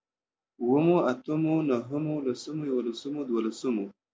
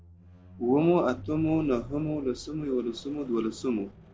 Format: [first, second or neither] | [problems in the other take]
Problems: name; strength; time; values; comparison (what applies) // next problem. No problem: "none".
first | background sound (Squeak); 18 dB below the speech